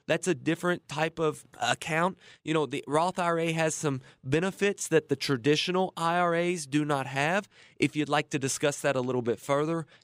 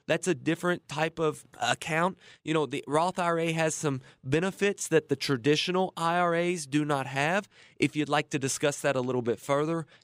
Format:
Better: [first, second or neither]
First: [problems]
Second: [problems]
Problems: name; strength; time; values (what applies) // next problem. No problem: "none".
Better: neither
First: none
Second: none